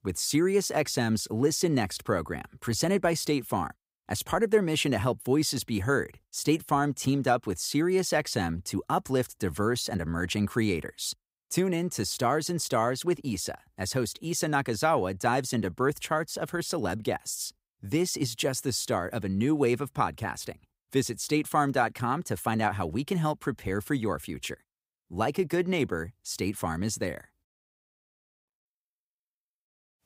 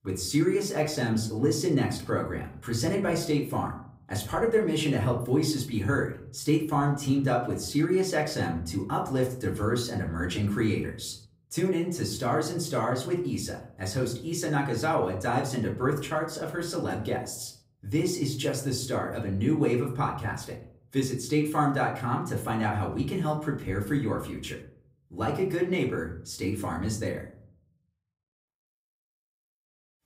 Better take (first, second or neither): first